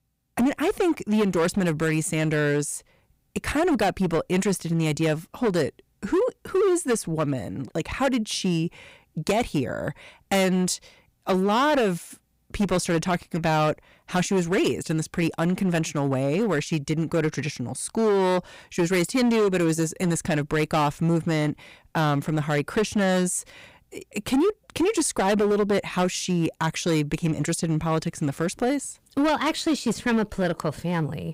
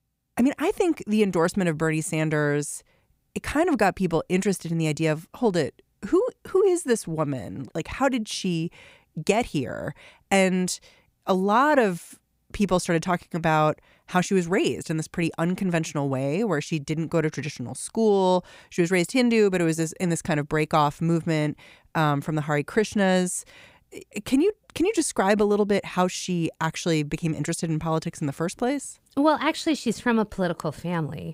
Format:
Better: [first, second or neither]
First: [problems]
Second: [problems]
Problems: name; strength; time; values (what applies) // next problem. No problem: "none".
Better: second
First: distortion; slight; 10% of the sound clipped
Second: none